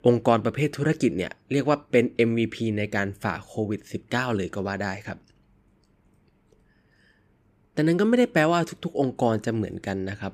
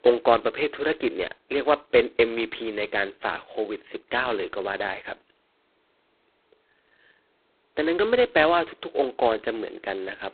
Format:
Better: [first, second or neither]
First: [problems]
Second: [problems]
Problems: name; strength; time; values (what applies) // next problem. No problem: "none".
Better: first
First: none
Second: phone-call audio; poor line; nothing above 4 kHz